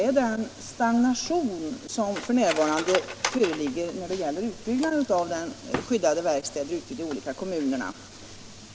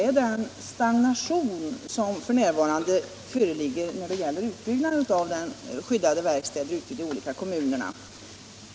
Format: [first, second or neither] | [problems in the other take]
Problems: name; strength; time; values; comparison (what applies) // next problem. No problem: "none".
second | background sound (Cutlery, silverware); 13 dB below the speech